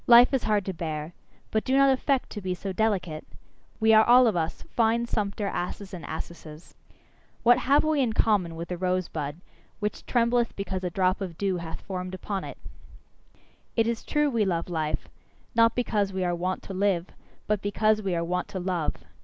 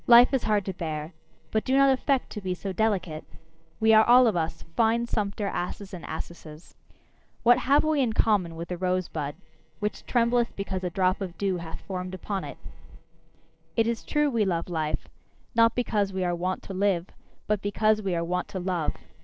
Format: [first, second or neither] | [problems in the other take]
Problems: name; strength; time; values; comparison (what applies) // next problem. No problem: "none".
first | noise reduction (neural separator model SepFormer DNS4)